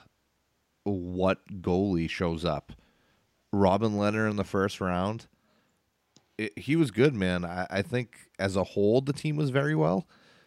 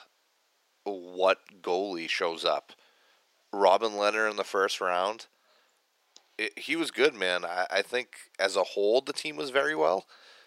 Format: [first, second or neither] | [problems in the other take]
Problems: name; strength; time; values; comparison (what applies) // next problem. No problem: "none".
first | thin; very; fading below 450 Hz